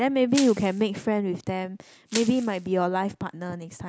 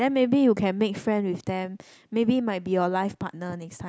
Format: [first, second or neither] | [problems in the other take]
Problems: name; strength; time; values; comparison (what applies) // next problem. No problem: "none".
second | background sound (Crushing); 13 dB below the speech